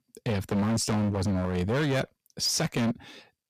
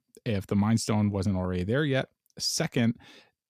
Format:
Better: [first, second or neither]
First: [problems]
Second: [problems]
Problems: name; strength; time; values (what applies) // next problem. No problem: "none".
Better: second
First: distortion; heavy; 22% of the sound clipped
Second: none